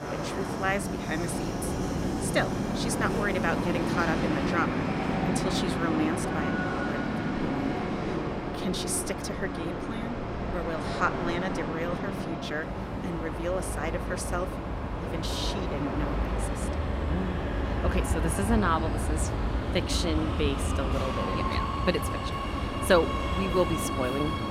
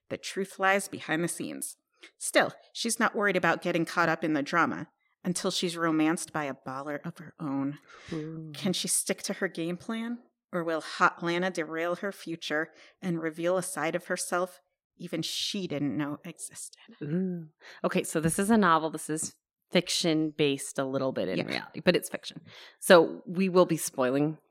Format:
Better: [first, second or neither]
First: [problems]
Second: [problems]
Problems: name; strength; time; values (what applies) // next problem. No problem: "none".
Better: second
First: train or aircraft noise; very loud; throughout; 1 dB above the speech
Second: none